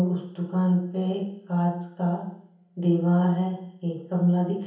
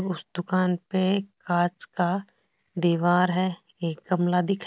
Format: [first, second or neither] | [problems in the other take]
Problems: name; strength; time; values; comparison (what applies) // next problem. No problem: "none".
second | room echo; dies away in 0.7 s